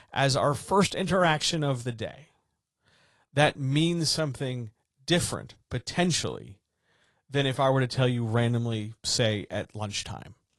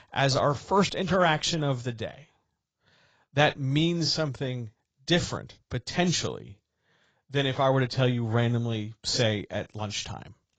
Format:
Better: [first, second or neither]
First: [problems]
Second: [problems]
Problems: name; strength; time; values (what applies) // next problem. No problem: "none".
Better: first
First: garbled, watery; slightly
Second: garbled, watery; badly; nothing above 7.5 kHz